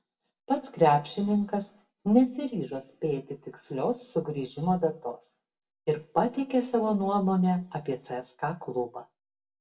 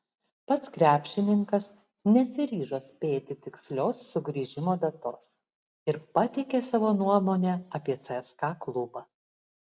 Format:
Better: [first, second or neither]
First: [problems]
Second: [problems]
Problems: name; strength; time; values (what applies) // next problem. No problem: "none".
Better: second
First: room echo; dies away in 0.1 s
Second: none